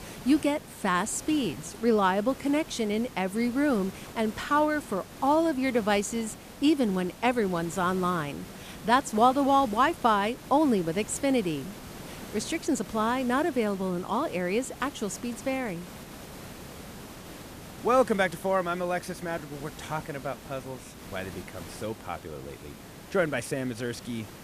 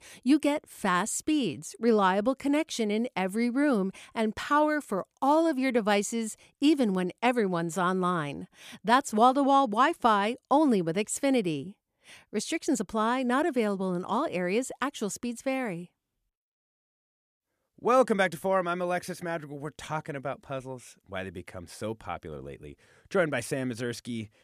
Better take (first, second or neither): second